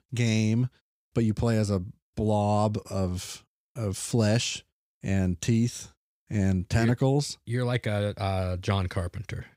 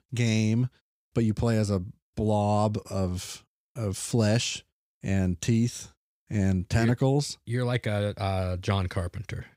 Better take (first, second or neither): neither